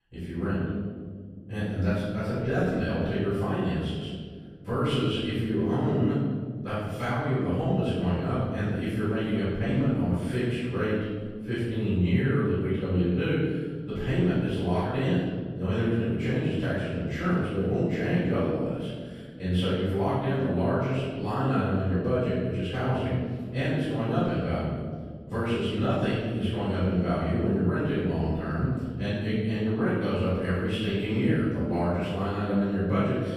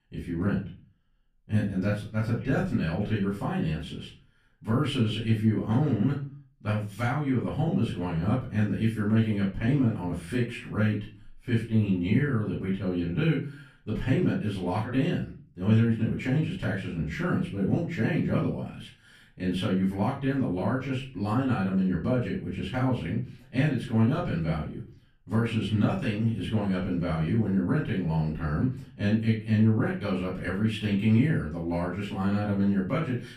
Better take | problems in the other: second | room echo; strong; dies away in 1.7 s; slight in the second // off-mic speech; far; far in the second

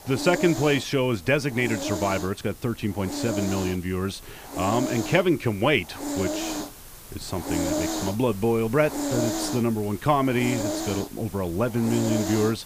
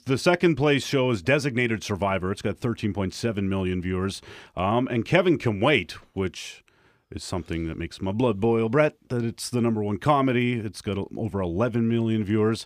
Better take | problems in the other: second | hiss; loud; throughout; 6 dB below the speech

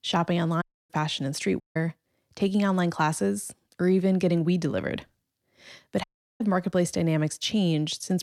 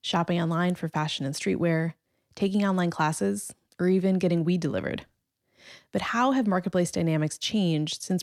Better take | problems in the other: second | audio cutting out; at 0.5 s, at 1.5 s and at 6 s

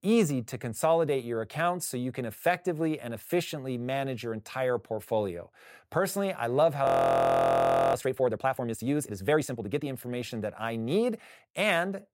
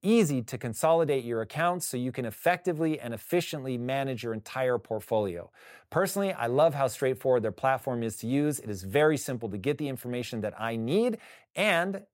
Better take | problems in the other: second | audio freezing; at 7 s for 1 s

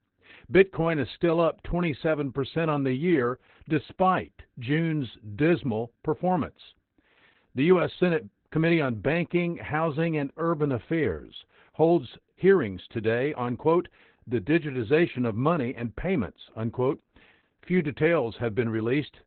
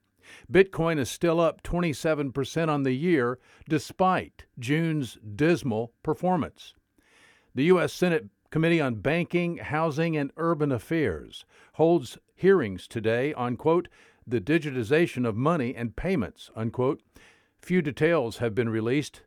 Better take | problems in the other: second | garbled, watery; badly; nothing above 4 kHz

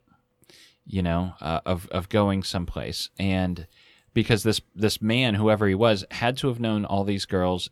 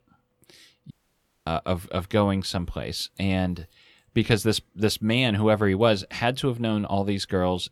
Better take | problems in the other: first | audio cutting out; at 1 s for 0.5 s

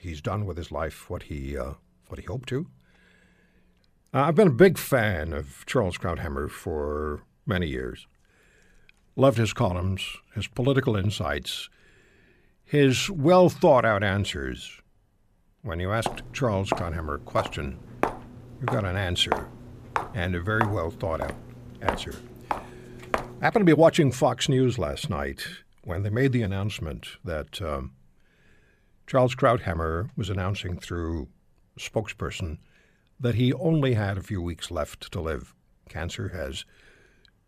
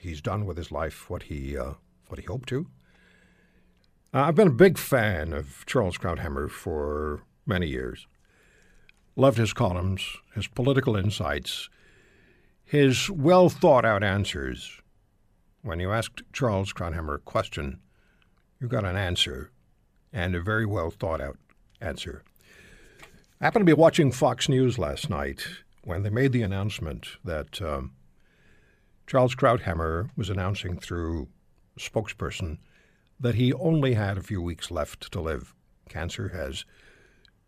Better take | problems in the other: second | footsteps; noticeable; from 16 to 23 s; peak 4 dB below the speech

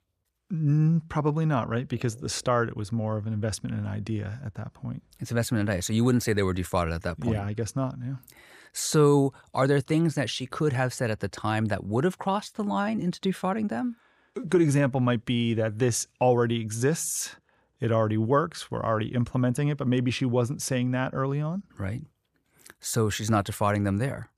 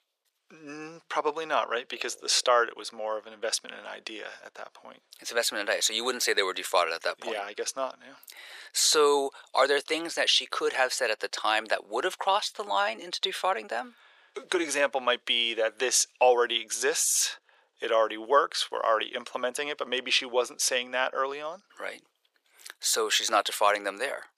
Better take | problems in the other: first | thin; very; fading below 450 Hz

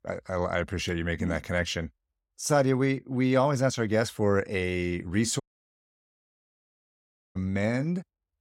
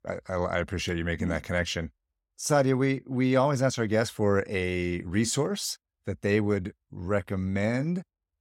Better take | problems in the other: second | audio cutting out; at 5.5 s for 2 s

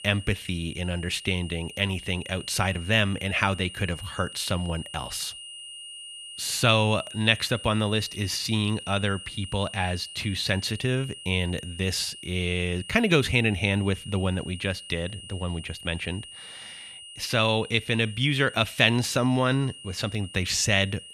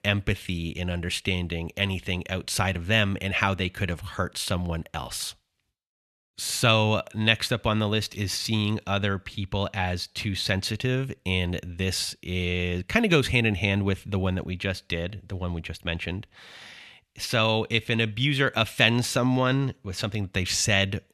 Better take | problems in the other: second | high-pitched whine; noticeable; throughout; 3 kHz, 15 dB below the speech

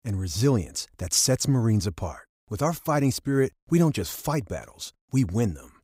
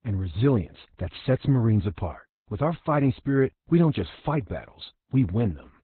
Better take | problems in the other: first | garbled, watery; badly; nothing above 4 kHz

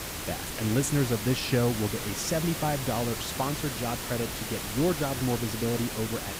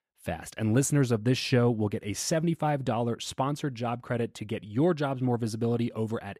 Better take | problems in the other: second | hiss; loud; throughout; 4 dB below the speech

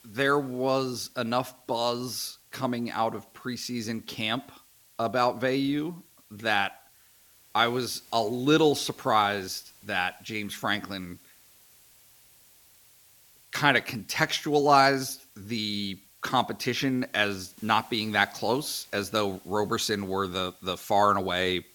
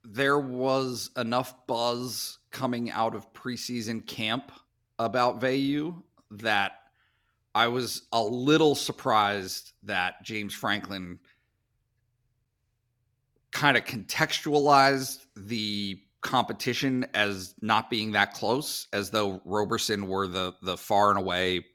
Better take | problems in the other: second | hiss; faint; throughout; 25 dB below the speech

